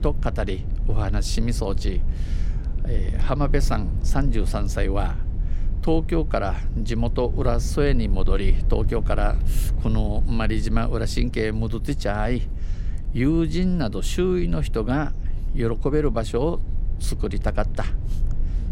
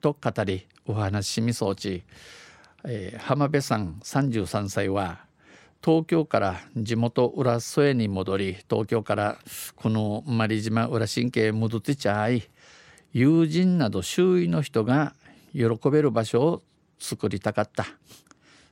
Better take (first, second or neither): second